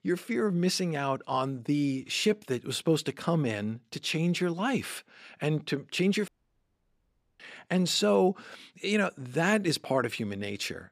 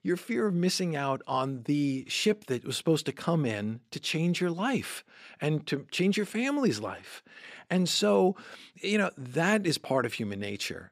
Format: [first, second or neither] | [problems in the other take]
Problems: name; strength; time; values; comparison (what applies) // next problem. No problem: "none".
second | audio cutting out; at 6.5 s for 1 s